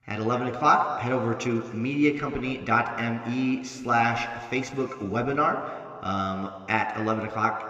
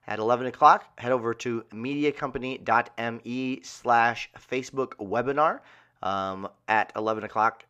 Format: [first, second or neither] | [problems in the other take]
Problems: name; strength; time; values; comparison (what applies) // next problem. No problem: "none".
second | room echo; slight; dies away in 1.8 s